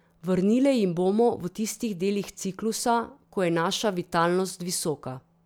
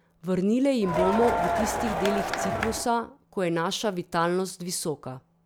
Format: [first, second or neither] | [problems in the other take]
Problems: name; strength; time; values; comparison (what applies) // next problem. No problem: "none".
first | background sound (Crowd); as loud as the speech